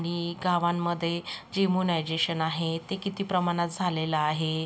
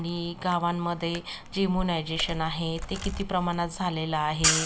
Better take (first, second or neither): first